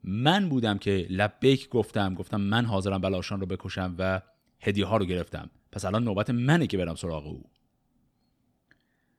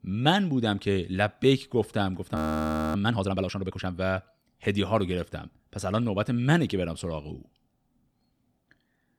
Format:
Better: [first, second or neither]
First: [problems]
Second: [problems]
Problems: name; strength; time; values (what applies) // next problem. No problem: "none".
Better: first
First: none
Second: audio freezing; at 2.5 s for 0.5 s